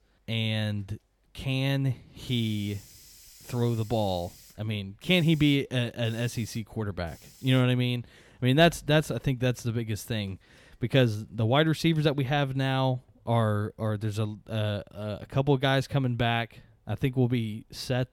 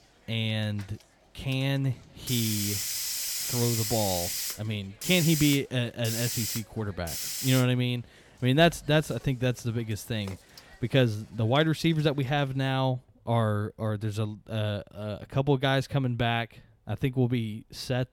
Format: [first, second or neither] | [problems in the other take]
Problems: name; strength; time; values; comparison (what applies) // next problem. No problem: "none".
first | hiss; loud; until 13 s; 2 dB below the speech; faint in the first